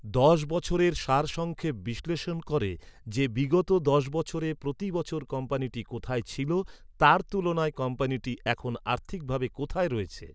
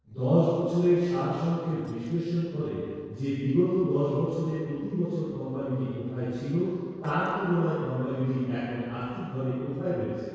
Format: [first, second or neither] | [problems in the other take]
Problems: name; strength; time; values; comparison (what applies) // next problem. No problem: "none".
first | noise reduction (neural separator model SepFormer DNS4)